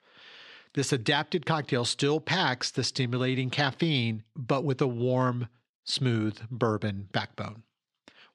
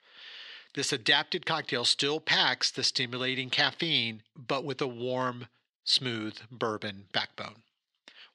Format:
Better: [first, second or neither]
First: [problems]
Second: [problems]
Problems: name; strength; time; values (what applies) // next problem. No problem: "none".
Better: first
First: none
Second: thin; somewhat; fading below 800 Hz